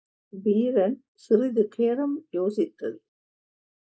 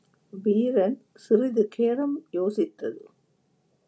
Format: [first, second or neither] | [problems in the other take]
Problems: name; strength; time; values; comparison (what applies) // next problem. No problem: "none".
second | noise reduction (neural mask model Resemble Enhance denoiser)